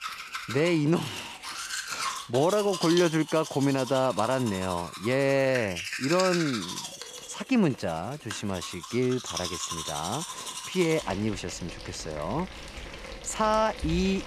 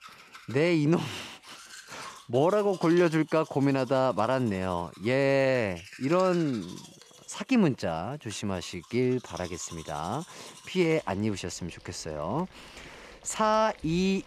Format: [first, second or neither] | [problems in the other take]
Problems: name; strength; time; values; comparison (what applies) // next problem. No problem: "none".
second | household noises; loud; throughout; 8 dB below the speech; faint in the second